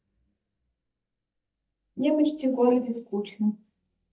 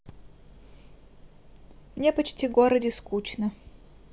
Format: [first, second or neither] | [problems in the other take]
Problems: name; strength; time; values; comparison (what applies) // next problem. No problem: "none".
second | noise reduction (neural mask model DeepFilterNet 3)